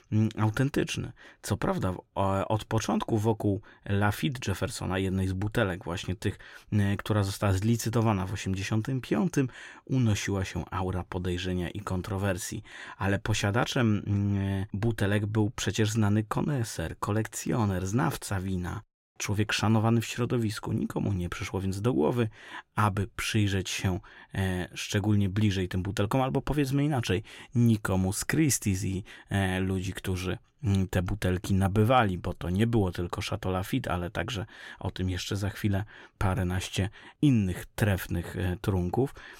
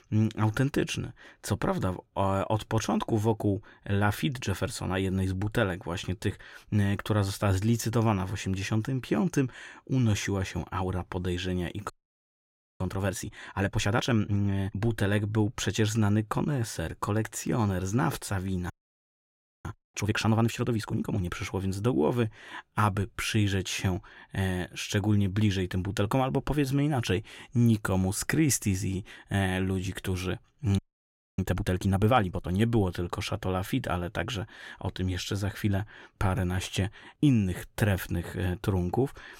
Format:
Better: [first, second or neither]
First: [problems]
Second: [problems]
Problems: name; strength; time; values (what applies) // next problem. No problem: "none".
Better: first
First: none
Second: audio freezing; at 12 s for 1 s, at 19 s for 1 s and at 31 s for 0.5 s